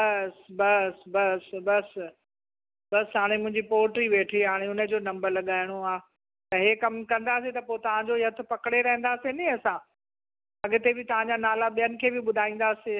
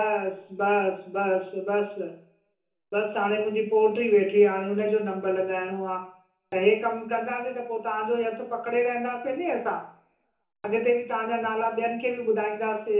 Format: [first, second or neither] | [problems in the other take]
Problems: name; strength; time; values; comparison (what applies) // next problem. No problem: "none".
first | room echo; dies away in 0.8 s